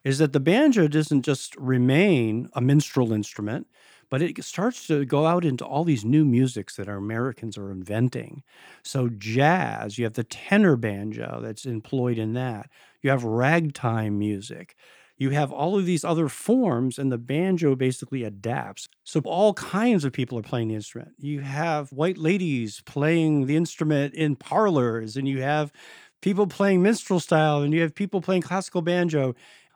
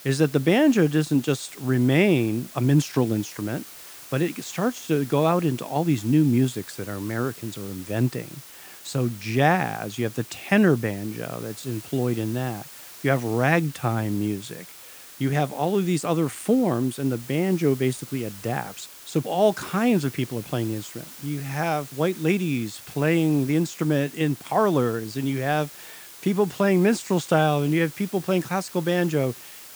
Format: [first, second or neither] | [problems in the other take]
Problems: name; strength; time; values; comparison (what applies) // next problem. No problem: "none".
first | hiss; noticeable; throughout; 15 dB below the speech